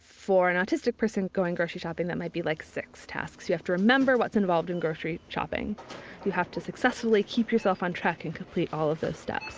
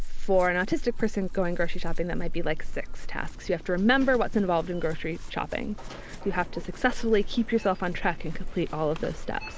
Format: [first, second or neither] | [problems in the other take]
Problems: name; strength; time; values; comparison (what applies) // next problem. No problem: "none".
first | background sound (Chewing, mastication / Livestock, farm animals, working animals); 2 dB below the speech